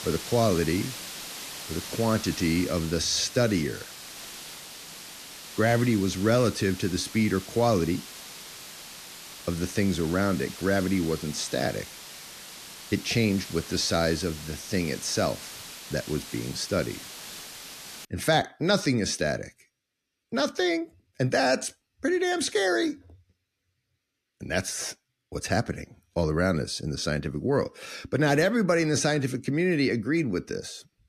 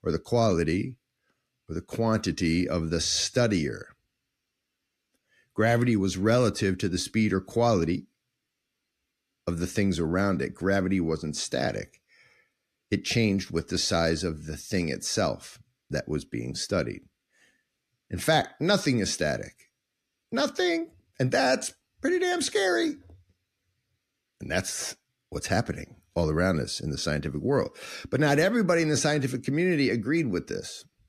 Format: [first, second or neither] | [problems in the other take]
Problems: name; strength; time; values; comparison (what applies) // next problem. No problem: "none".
second | hiss; noticeable; until 18 s; 10 dB below the speech